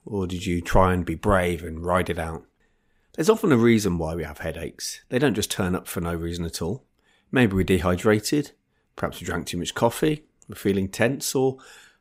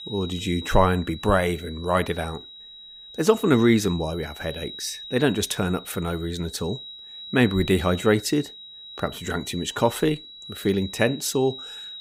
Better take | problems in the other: first | high-pitched whine; noticeable; throughout; 4 kHz, 15 dB below the speech

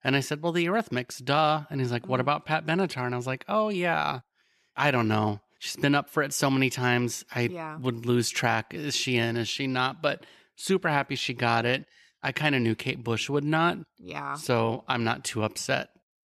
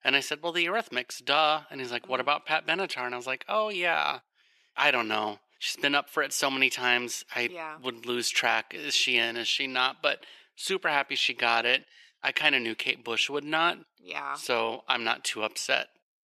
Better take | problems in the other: first | thin; somewhat; fading below 400 Hz

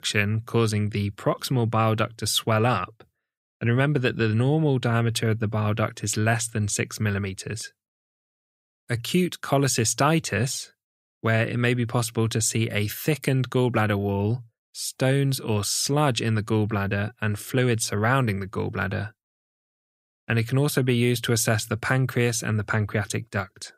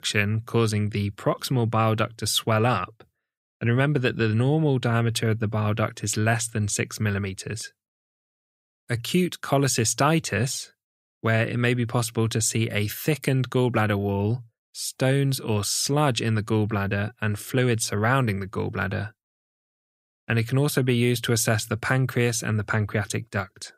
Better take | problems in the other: neither | none

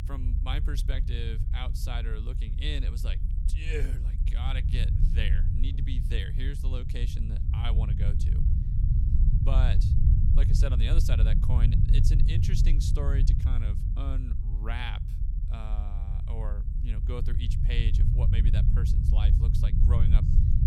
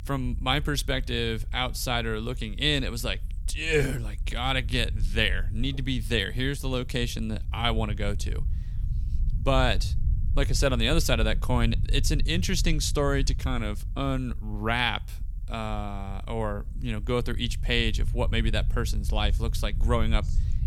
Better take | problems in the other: second | low rumble; loud; throughout; 3 dB below the speech; faint in the second

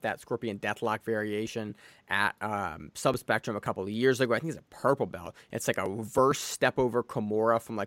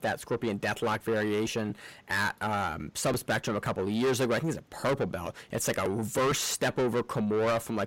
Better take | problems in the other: first | distortion; heavy; 6 dB below the speech

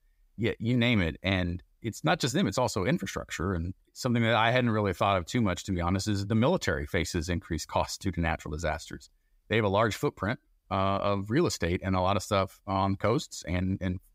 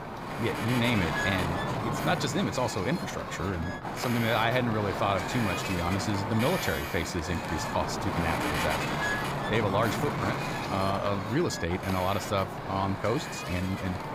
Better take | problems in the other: first | wind noise on the microphone; heavy; 1 dB below the speech

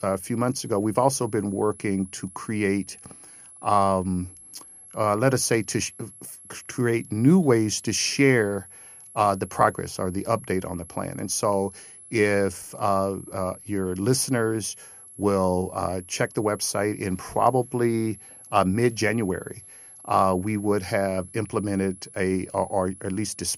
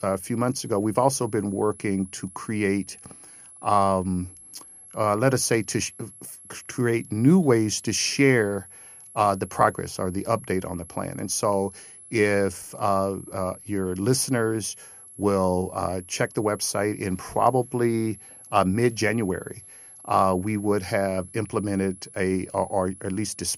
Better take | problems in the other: neither | high-pitched whine; noticeable; throughout; 11 kHz, 20 dB below the speech; the same in both

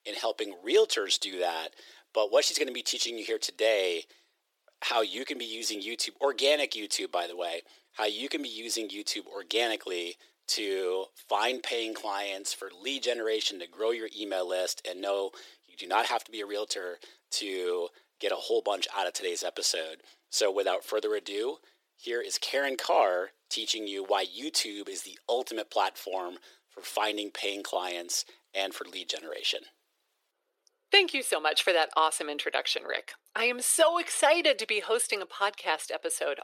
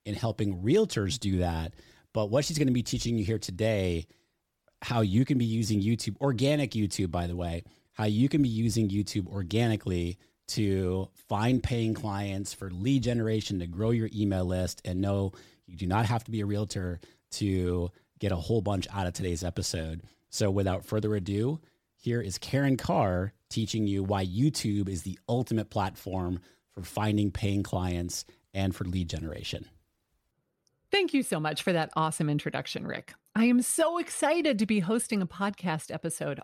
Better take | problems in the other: second | thin; very; fading below 400 Hz

